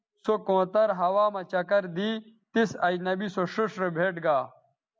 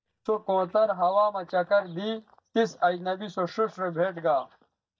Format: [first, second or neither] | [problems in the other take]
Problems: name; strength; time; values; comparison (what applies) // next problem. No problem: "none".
first | noise reduction (neural mask model DeepFilterNet 3)